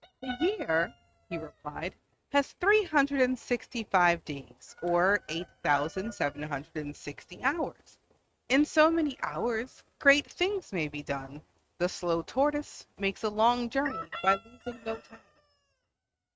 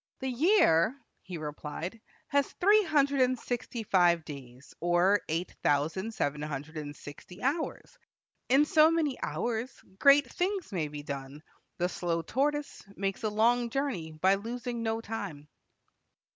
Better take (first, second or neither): second